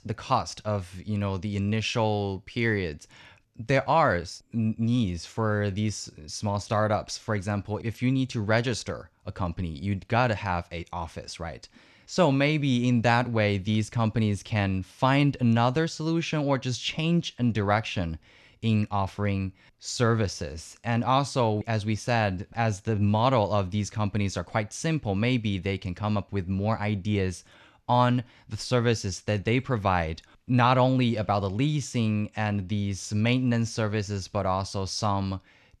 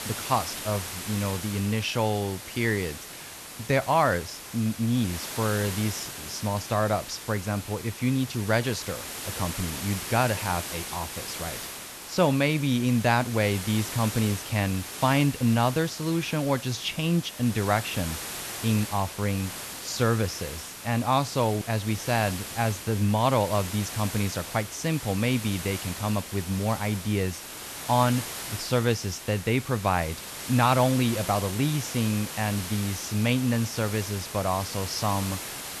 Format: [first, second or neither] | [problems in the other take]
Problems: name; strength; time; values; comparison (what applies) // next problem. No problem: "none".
first | hiss; loud; throughout; 8 dB below the speech